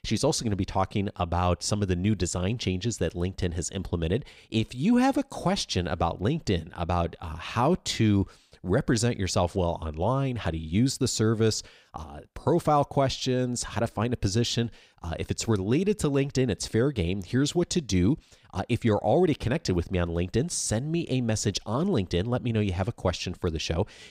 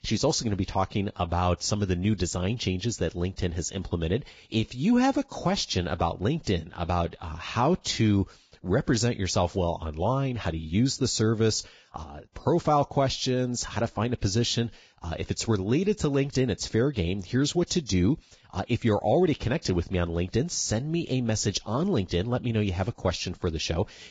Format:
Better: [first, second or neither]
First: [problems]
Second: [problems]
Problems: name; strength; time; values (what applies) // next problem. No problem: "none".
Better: first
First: none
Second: garbled, watery; badly; nothing above 7.5 kHz